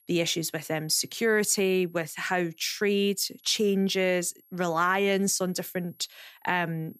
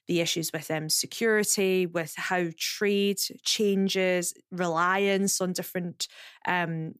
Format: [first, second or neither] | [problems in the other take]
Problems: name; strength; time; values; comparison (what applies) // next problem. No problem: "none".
second | high-pitched whine; faint; throughout; 11.5 kHz, 30 dB below the speech